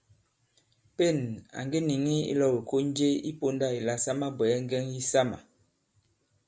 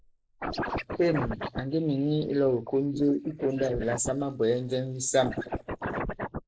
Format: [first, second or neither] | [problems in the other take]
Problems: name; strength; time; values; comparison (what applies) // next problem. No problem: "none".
first | noise reduction (neural mask model Resemble Enhance denoiser)